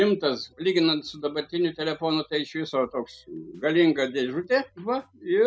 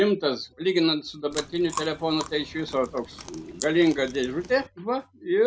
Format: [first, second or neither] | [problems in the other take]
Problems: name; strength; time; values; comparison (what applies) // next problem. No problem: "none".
first | background sound (Chewing, mastication); 14 dB below the speech